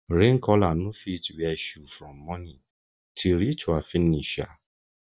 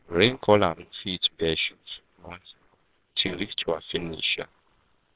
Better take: first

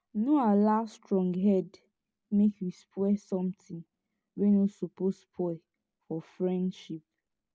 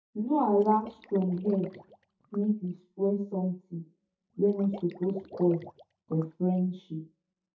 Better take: first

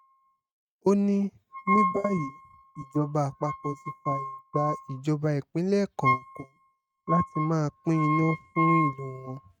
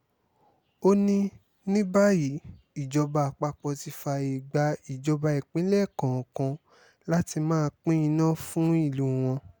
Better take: second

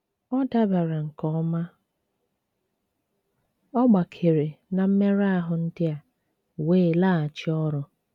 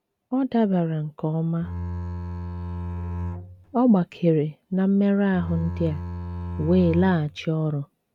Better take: first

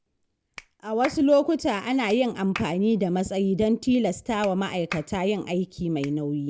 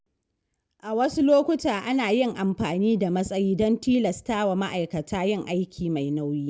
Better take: second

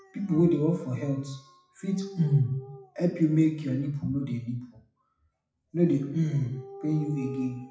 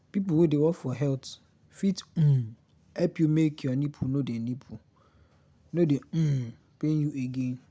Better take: second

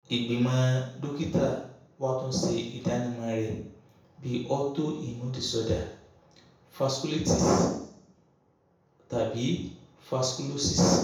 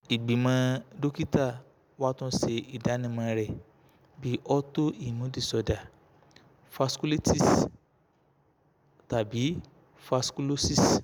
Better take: second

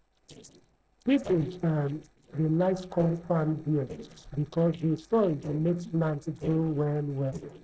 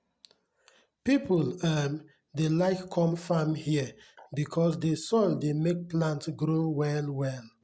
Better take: second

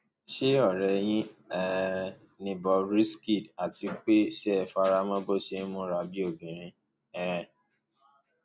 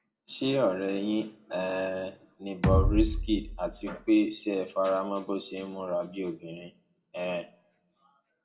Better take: first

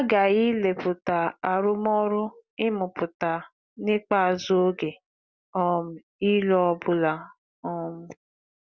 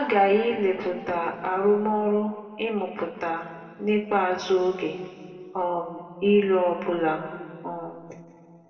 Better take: first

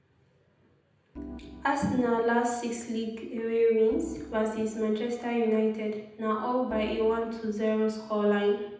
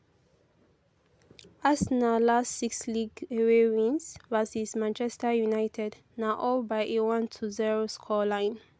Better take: second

